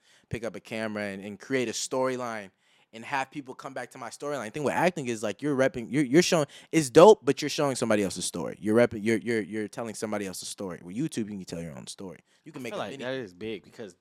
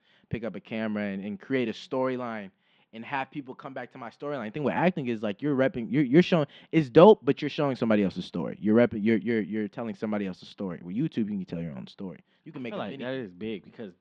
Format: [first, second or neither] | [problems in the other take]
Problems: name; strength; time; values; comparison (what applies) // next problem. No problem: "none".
first | muffled; slightly; fading above 3.5 kHz